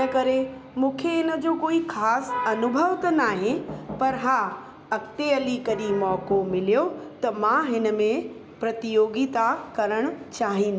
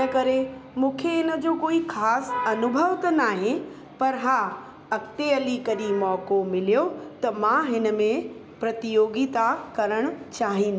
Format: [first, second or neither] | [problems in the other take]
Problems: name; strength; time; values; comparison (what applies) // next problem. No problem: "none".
second | background sound (Knock); 14 dB below the speech